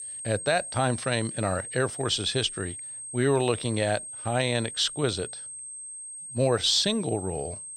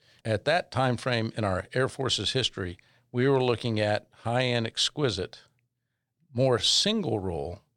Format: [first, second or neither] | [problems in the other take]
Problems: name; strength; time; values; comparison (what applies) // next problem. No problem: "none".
second | high-pitched whine; loud; throughout; 8.5 kHz, 9 dB below the speech